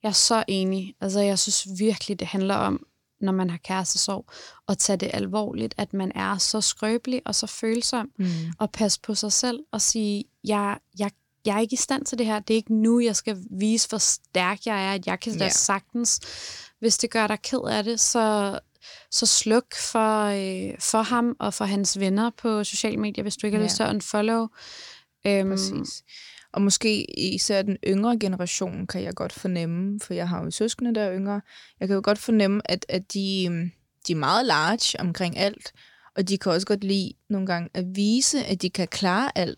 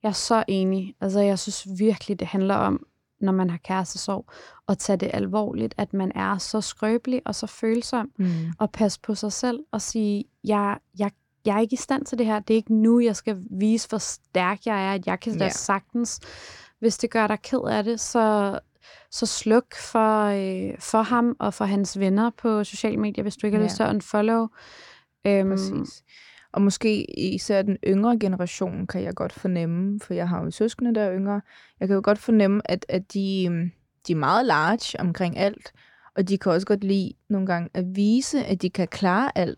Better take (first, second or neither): first